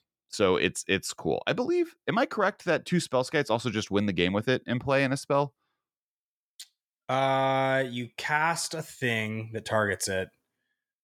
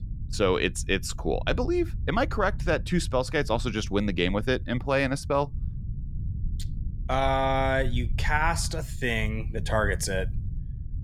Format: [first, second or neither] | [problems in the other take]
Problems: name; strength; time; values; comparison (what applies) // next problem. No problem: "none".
first | low rumble; faint; throughout; 25 dB below the speech